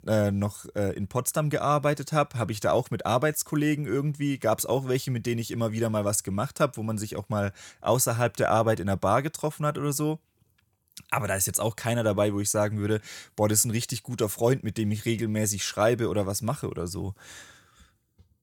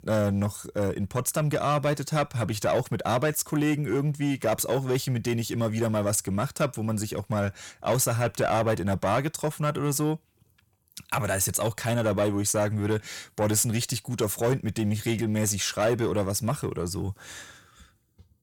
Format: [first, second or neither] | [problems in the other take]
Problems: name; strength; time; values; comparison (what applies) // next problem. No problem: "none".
first | distortion; slight; 10 dB below the speech